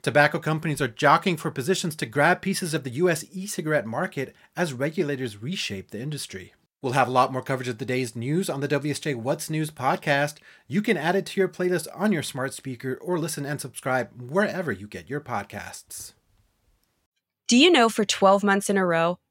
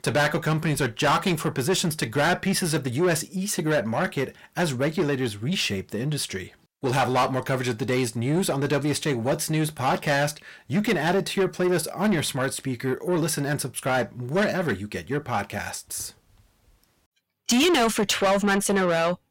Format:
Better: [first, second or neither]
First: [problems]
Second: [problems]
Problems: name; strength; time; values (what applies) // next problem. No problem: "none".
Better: first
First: none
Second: distortion; heavy; 7 dB below the speech